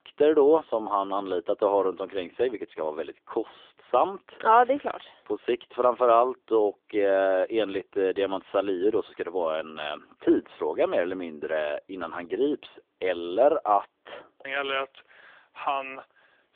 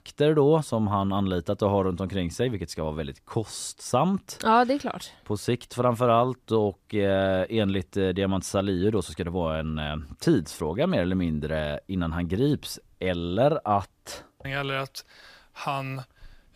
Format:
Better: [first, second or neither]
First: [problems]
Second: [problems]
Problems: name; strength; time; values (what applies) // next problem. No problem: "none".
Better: second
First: phone-call audio; nothing above 3.5 kHz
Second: none